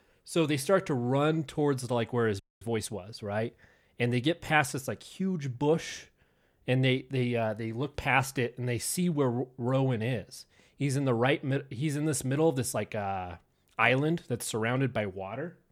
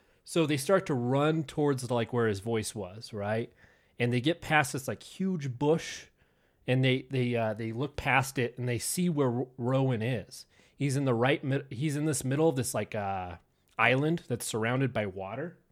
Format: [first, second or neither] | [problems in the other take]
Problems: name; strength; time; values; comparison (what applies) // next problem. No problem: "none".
second | audio freezing; at 2.5 s